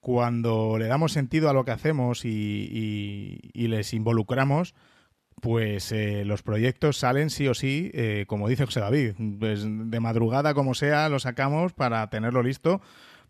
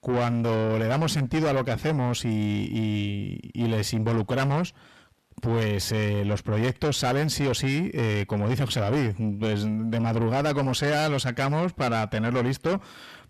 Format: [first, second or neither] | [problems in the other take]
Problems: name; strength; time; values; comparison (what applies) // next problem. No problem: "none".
first | distortion; heavy; 7 dB below the speech